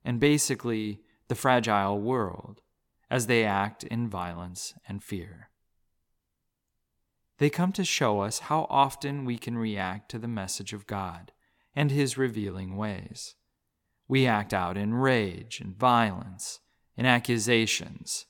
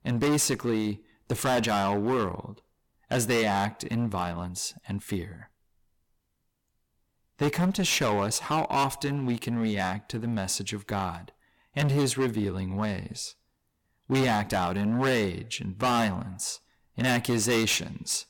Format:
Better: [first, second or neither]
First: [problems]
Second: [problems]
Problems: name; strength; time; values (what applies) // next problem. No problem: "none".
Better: first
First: none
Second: distortion; heavy; 10% of the sound clipped